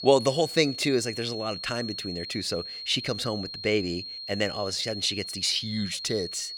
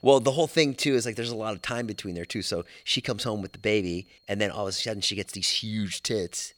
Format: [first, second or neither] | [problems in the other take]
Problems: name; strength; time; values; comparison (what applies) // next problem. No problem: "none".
second | high-pitched whine; loud; throughout; 4 kHz, 7 dB below the speech; faint in the second